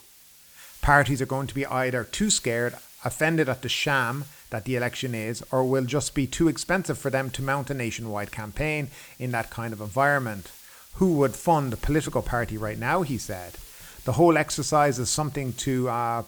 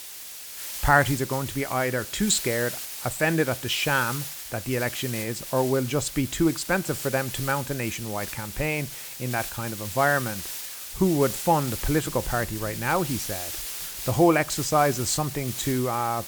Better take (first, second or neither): first